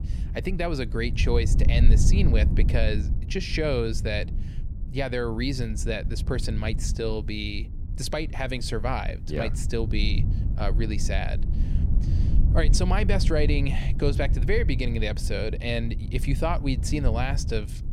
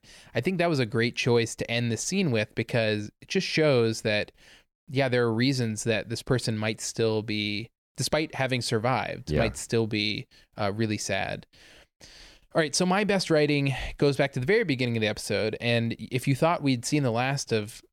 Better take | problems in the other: second | low rumble; noticeable; throughout; 10 dB below the speech

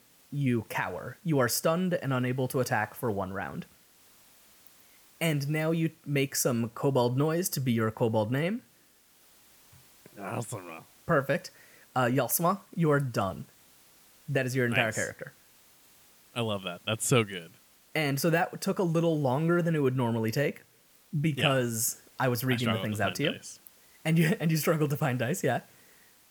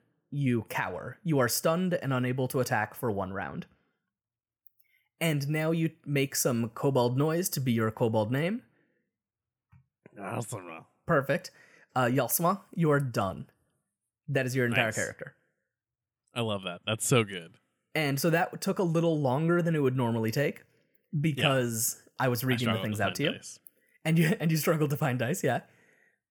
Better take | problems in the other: second | hiss; faint; throughout; 30 dB below the speech

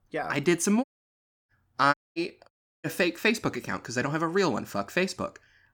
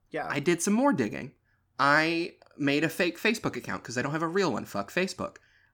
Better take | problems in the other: second | audio cutting out; at 1 s for 0.5 s, at 2 s and at 2.5 s

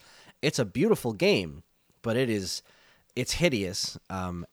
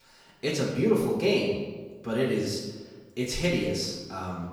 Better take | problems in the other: first | off-mic speech; far // room echo; noticeable; dies away in 1 s

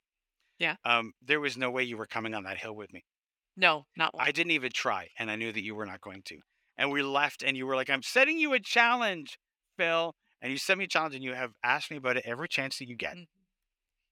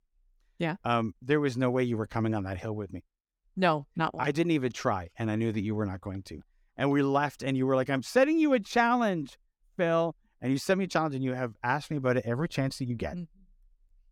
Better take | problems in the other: second | thin; somewhat; fading below 800 Hz

